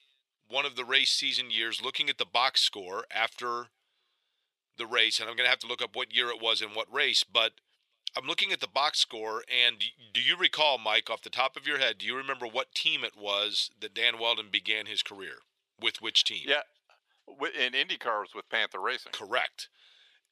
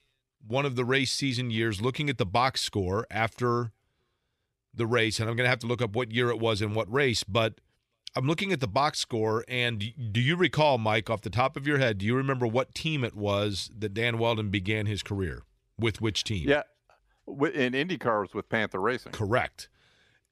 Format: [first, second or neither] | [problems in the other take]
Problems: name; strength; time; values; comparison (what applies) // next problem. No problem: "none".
second | thin; very; fading below 600 Hz